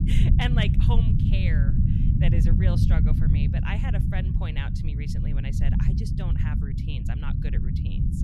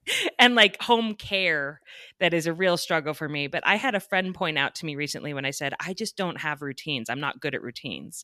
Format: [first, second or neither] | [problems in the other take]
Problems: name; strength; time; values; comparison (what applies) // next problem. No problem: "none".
second | low rumble; loud; throughout; as loud as the speech